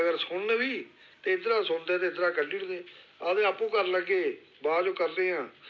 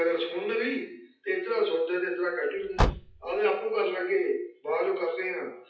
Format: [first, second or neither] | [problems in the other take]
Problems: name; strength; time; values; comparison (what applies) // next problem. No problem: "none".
first | noise reduction (classical method WPE with log-MMSE)